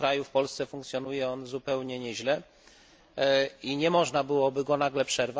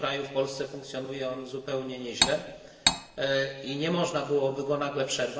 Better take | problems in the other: first | background sound (Cutlery, silverware); 2 dB above the speech // room echo; dies away in 2.4 s

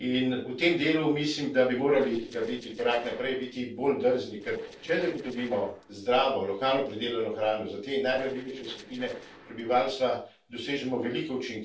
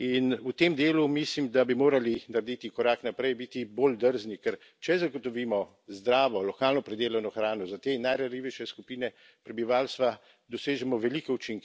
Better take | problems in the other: second | noise reduction (neural separator model SepFormer DNS4)

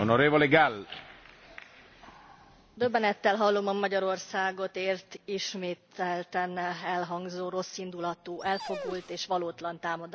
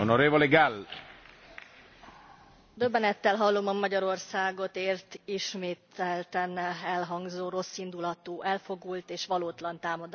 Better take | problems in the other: second | background sound (Dog); 13 dB below the speech

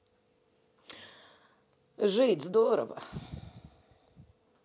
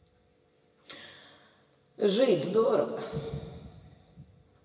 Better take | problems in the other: first | room echo; dies away in 1.9 s

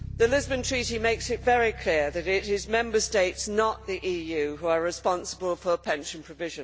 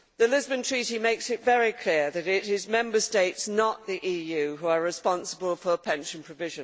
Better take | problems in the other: second | background sound (Bass guitar); 16 dB below the speech

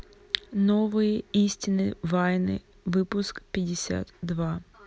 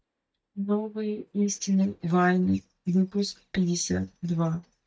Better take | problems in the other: first | noise reduction (neural mask model DeepFilterNet 3)

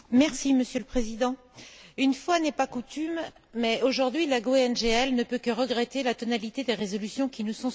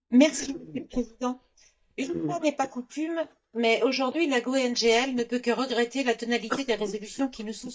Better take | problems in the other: first | noise reduction (neural mask model DeepFilterNet 3)

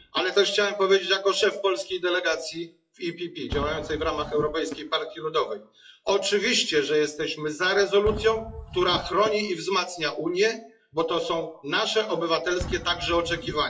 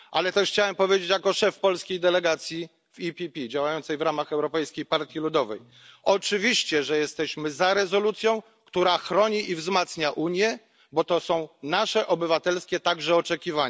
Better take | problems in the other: second | noise reduction (classical method WPE with log-MMSE)

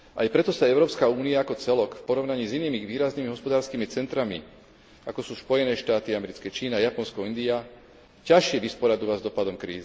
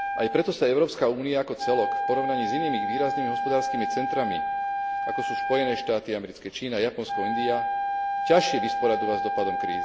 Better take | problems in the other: first | background sound (Wind instrument, woodwind instrument); 1 dB below the speech

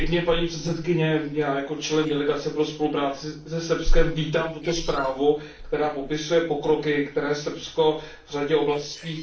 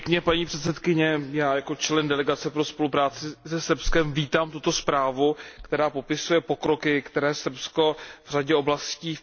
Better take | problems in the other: second | noise reduction (neural separator model SepFormer DNS4)

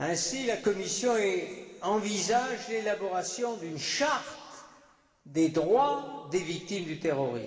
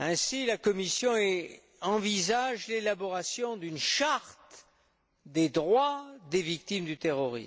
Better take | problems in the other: second | room echo; dies away in 2 s

